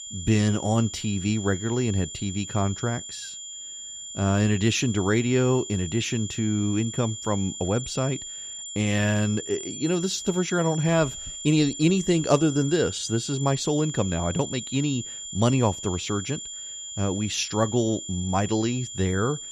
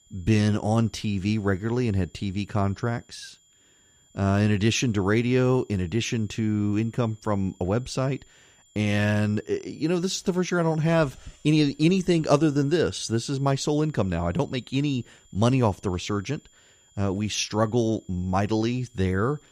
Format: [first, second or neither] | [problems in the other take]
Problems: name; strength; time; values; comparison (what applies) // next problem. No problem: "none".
second | high-pitched whine; loud; throughout; 7 kHz, 9 dB below the speech; faint in the second